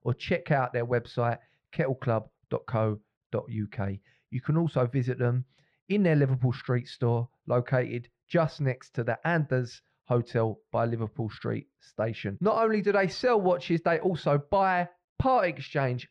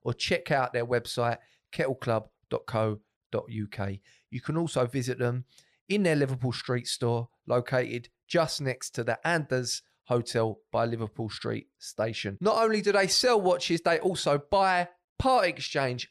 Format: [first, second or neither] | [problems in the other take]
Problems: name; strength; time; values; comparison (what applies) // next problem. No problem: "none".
second | muffled; slightly; fading above 2.5 kHz